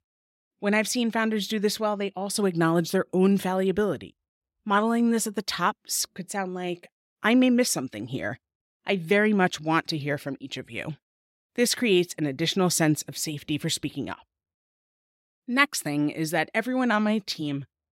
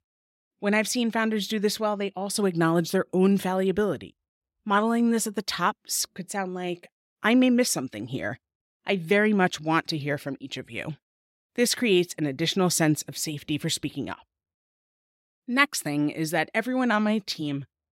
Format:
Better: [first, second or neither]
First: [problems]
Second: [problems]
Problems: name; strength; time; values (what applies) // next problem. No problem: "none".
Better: neither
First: none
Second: none